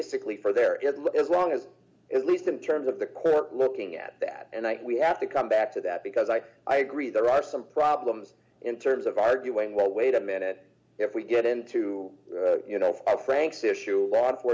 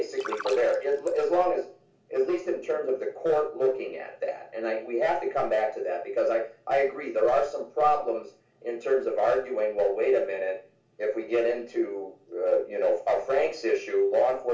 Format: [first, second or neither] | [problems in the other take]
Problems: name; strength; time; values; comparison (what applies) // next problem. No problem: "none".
first | background sound (Splash, splatter); 13 dB below the speech // room echo; dies away in 0.3 s